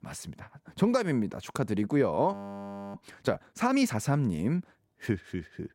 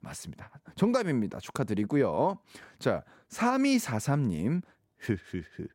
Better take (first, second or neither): second